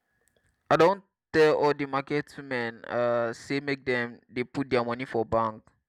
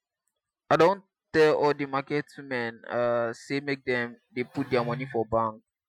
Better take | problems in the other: first | noise reduction (classical method Wiener filter)

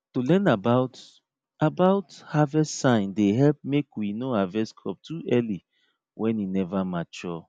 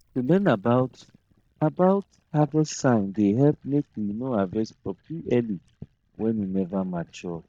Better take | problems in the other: first | noise reduction (neural mask model DeepFilterNet 3)

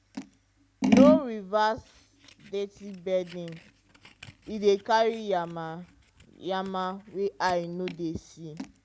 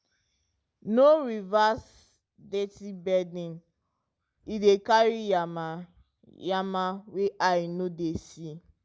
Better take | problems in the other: second | background sound (Scissors); 2 dB below the speech

